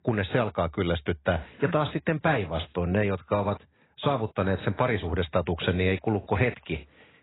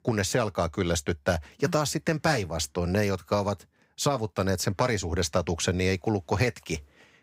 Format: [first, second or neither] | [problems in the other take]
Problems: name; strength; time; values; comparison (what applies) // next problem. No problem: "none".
second | garbled, watery; badly; nothing above 4 kHz